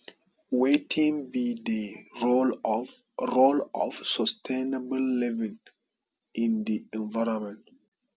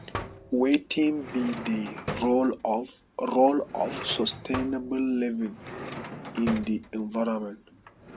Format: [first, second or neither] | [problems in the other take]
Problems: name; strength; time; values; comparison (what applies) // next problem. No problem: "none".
first | background sound (Drawer open or close); 12 dB below the speech